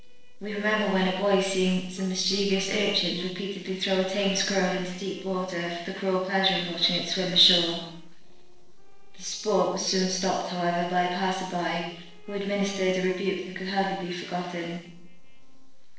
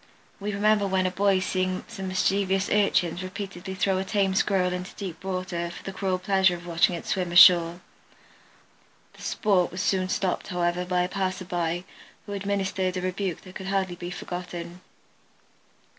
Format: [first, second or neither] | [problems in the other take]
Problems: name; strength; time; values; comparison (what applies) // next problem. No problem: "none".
second | noise reduction (neural separator model SepFormer DNS4)